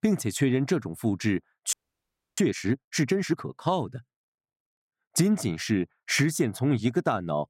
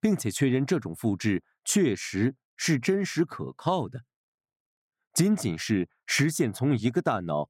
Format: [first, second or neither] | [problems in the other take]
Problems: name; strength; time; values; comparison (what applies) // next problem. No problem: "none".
second | audio freezing; at 1.5 s for 0.5 s